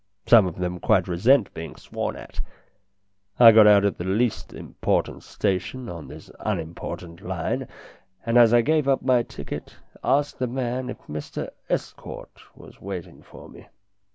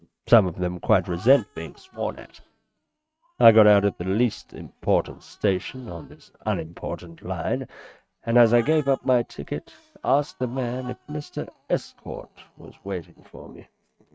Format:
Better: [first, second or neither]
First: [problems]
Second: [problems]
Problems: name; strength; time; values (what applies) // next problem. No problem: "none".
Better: first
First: none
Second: noise reduction (neural mask model RNNoise)